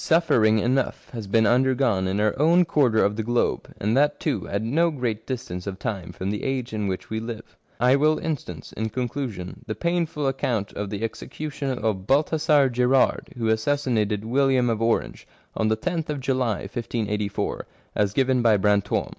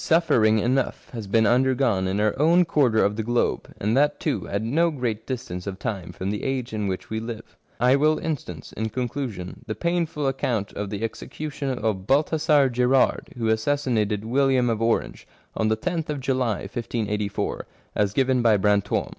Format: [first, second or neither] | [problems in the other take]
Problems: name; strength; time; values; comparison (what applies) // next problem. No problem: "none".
second | noise reduction (neural mask model Resemble Enhance denoiser)